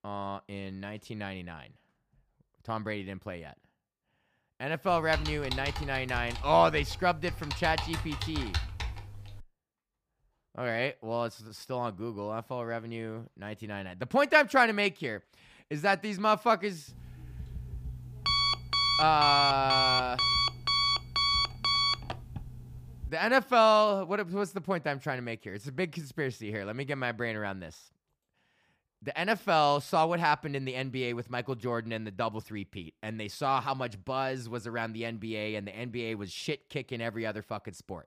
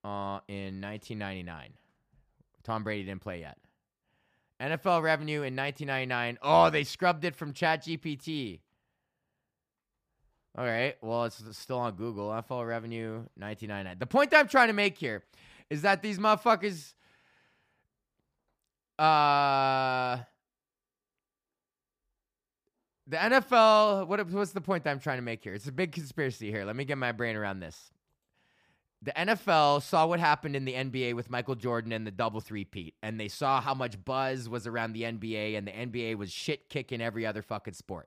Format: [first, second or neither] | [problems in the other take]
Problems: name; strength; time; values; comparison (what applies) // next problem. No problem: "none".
second | keyboard typing; noticeable; from 5 to 9.5 s; peak 4 dB below the speech // alarm; loud; from 17 to 23 s; peak 5 dB above the speech